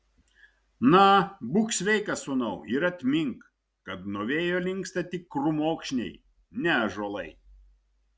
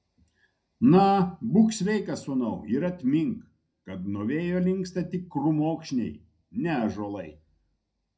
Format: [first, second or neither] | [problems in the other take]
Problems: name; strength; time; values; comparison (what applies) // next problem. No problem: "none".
first | room echo; dies away in 0.3 s